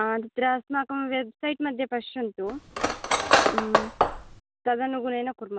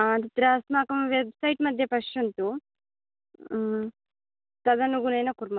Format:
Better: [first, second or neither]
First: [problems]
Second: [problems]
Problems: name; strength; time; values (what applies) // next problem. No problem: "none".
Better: second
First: background sound (Cutlery, silverware); 5 dB above the speech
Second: none